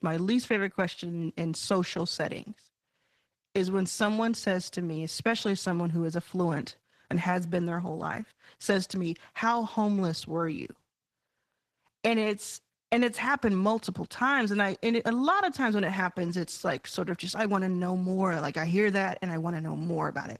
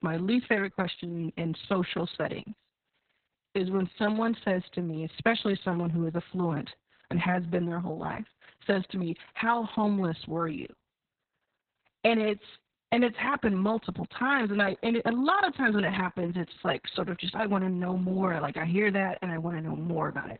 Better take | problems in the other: first | garbled, watery; badly; nothing above 4 kHz; slightly in the first

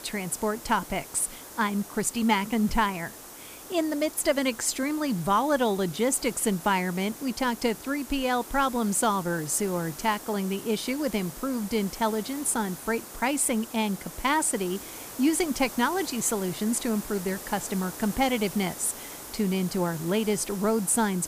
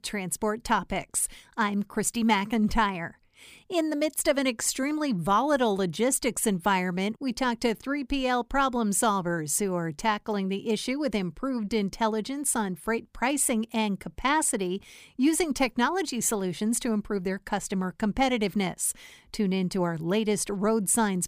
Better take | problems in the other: second | hiss; noticeable; throughout; 15 dB below the speech

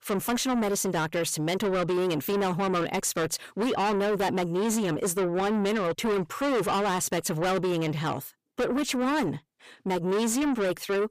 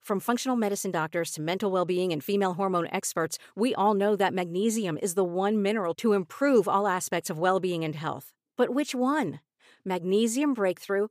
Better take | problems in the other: second | distortion; heavy; 6 dB below the speech

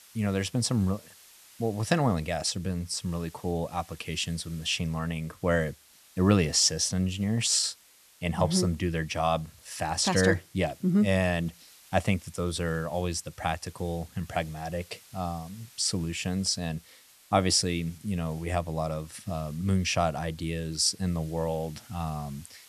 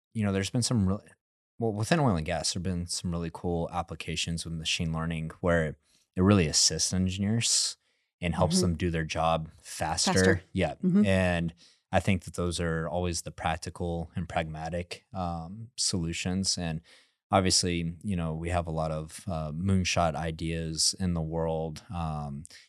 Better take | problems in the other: second | hiss; faint; throughout; 25 dB below the speech

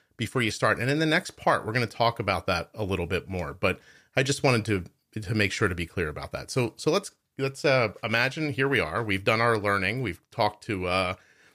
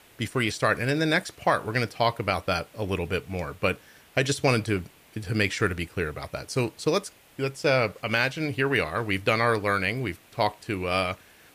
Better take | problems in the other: first | hiss; faint; throughout; 30 dB below the speech

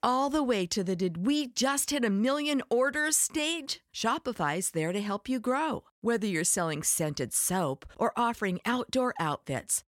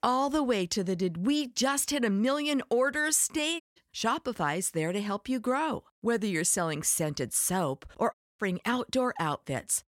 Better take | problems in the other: first | audio cutting out; at 3.5 s and at 8 s

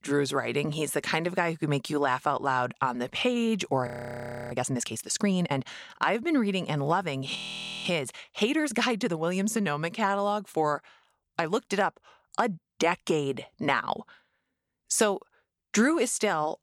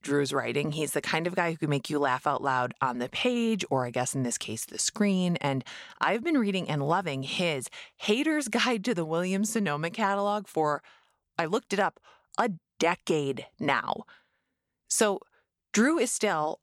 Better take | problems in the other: second | audio freezing; at 4 s for 0.5 s and at 7.5 s for 0.5 s

